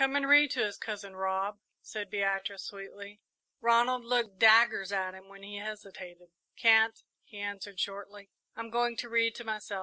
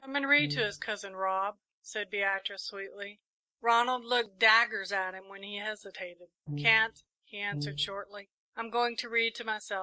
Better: first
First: none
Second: noise reduction (neural mask model DeepFilterNet 3)

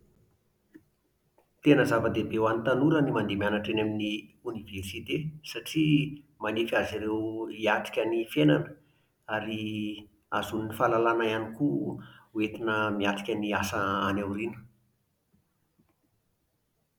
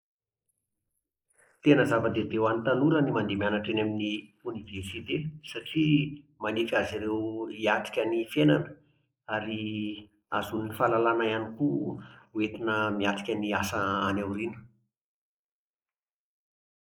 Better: first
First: none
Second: noise reduction (neural mask model Resemble Enhance denoiser)

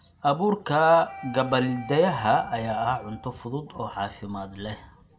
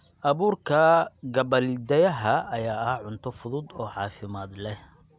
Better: second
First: background sound (Wind instrument, woodwind instrument); 17 dB below the speech // room echo; dies away in 0.3 s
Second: none

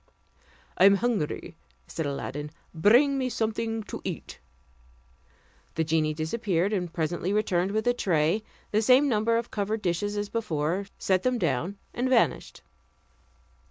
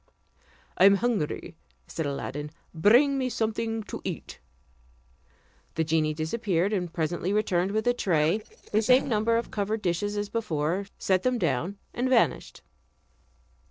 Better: first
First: none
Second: noise reduction (neural separator model SepFormer DNS4)

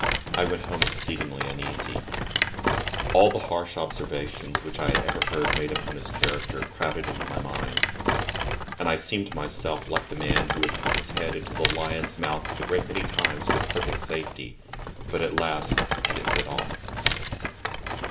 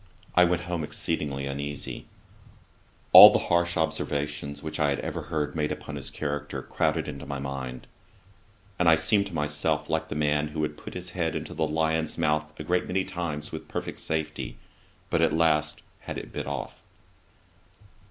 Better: second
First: background sound (Rattle); 2 dB above the speech // room echo; dies away in 2.8 s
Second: none

